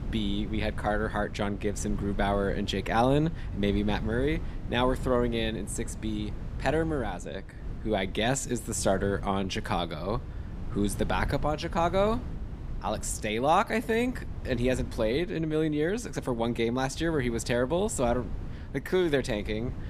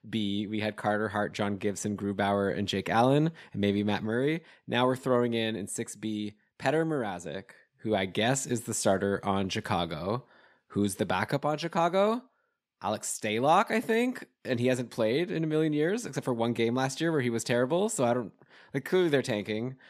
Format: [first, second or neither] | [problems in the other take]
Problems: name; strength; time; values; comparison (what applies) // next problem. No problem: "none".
second | wind noise on the microphone; occasional gusts; 20 dB below the speech